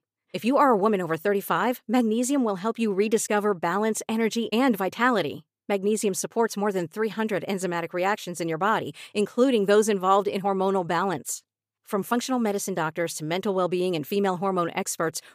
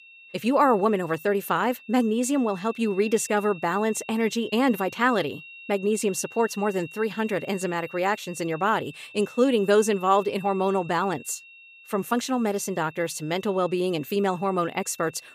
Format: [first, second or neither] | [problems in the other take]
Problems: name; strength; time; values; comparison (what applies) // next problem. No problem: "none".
first | high-pitched whine; noticeable; throughout; 2.5 kHz, 20 dB below the speech